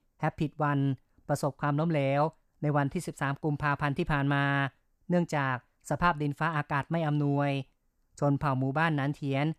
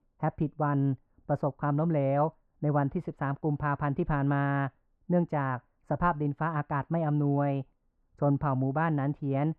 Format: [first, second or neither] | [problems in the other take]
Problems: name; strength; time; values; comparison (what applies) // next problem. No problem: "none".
first | muffled; very; fading above 3.5 kHz